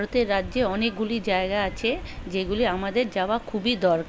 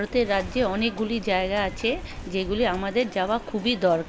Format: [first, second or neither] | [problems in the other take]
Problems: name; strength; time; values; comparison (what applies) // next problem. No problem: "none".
first | background sound (Livestock, farm animals, working animals + Explosion); 20 dB below the speech